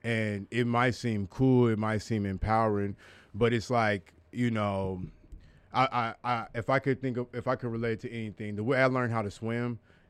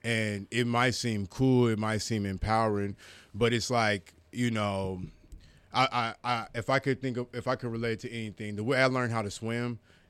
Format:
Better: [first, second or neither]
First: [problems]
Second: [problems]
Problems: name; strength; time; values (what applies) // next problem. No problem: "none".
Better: second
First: muffled; slightly; fading above 2.5 kHz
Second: none